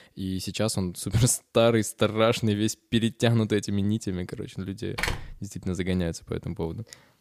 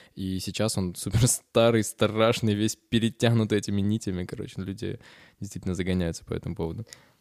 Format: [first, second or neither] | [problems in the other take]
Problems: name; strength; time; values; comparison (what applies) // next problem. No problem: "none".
second | door banging; noticeable; at 5 s; peak 4 dB below the speech